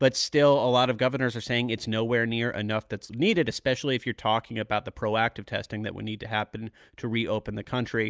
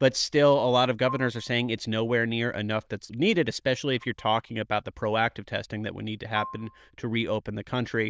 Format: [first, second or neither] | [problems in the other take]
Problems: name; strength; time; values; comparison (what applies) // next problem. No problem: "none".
first | noise reduction (neural diffusion model UNIVERSE++)